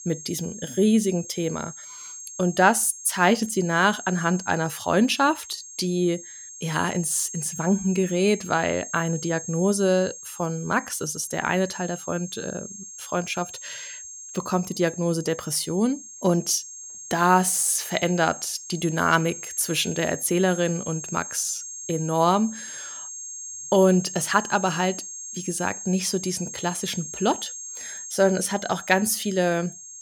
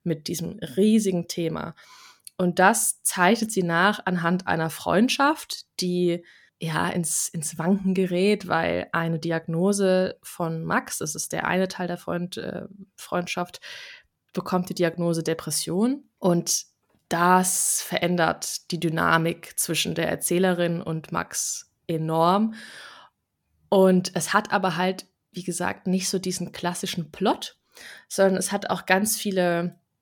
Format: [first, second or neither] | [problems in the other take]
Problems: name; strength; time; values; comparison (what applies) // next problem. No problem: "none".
second | high-pitched whine; noticeable; throughout; 6.5 kHz, 10 dB below the speech